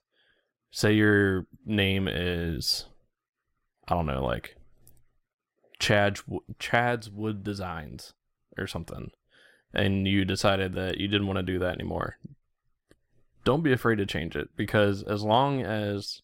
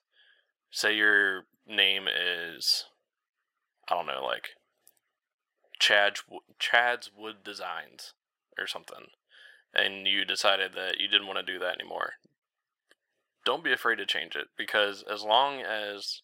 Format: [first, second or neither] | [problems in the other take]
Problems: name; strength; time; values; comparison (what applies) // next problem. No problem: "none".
first | thin; very; fading below 700 Hz